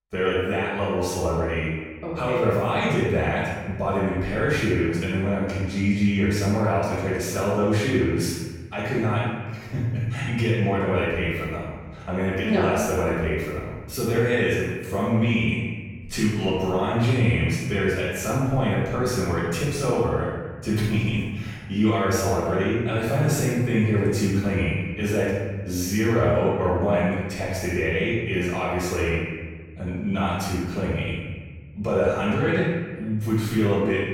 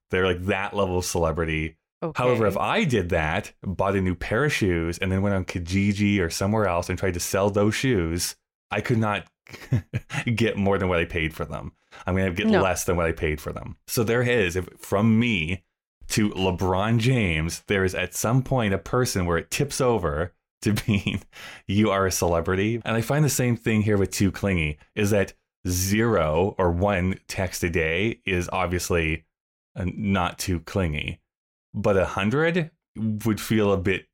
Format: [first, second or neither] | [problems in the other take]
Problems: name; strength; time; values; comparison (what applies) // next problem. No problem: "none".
second | off-mic speech; far // room echo; strong; dies away in 1.3 s